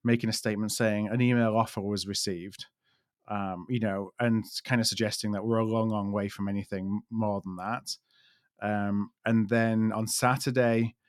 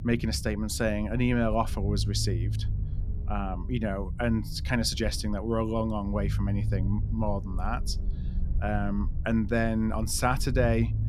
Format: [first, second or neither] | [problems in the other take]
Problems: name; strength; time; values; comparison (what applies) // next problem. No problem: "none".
first | low rumble; noticeable; throughout; 15 dB below the speech